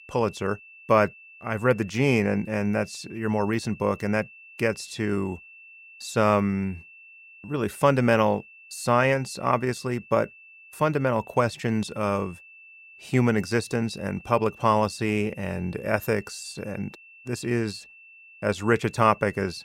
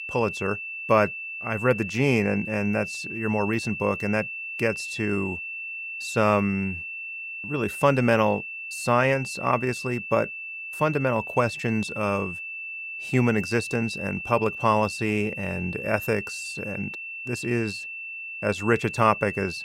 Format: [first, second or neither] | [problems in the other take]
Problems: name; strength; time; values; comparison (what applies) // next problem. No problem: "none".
first | high-pitched whine; loud; throughout; 2.5 kHz, 7 dB below the speech; faint in the first